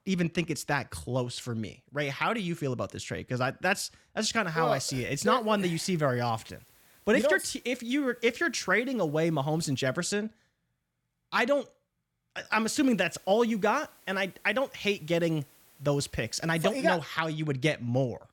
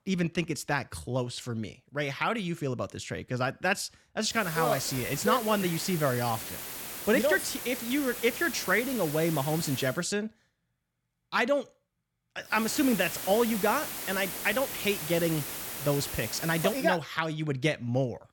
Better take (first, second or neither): first